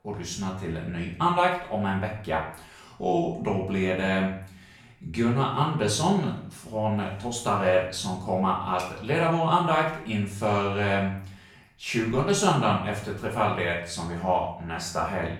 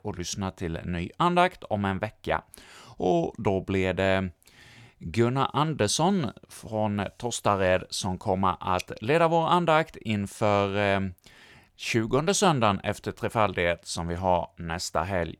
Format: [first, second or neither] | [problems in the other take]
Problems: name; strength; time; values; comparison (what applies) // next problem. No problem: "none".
second | room echo; noticeable; dies away in 0.5 s // off-mic speech; far